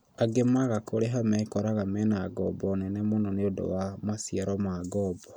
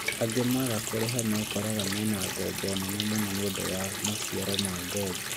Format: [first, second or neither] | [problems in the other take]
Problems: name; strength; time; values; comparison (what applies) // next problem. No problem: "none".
first | background sound (Water tap, faucet); 2 dB below the speech